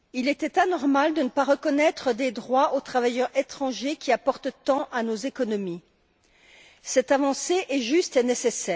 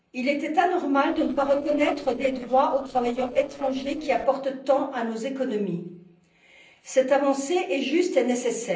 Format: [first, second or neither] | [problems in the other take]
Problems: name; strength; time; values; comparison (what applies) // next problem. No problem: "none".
first | noise reduction (neural separator model SepFormer DNS4)